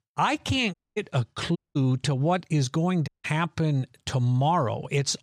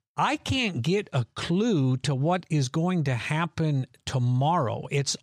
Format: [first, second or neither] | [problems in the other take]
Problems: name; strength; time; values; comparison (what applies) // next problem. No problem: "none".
second | audio cutting out; at 0.5 s, at 1.5 s and at 3 s